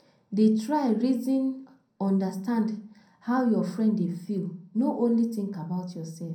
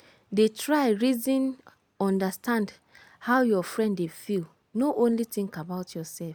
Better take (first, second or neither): second